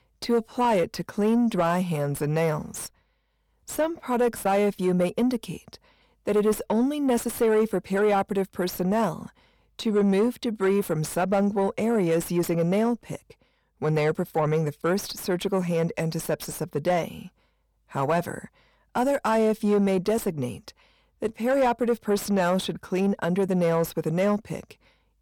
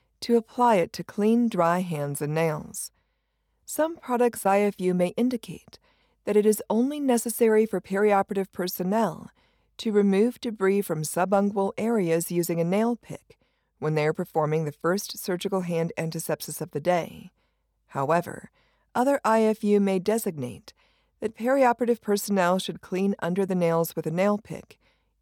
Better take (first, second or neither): second